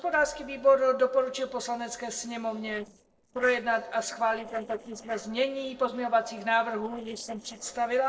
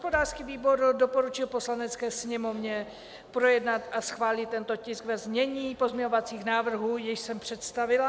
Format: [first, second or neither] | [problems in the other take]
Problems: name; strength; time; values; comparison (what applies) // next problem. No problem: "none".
second | noise reduction (neural separator model SepFormer DNS4)